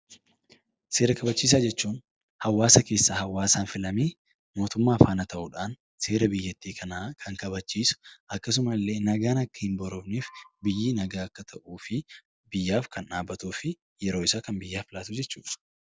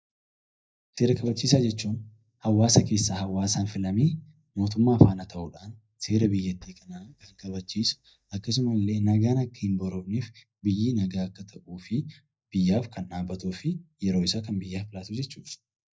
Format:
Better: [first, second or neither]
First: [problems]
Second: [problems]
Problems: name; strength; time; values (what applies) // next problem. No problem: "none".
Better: first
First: none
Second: noise reduction (neural mask model DeepFilterNet 3)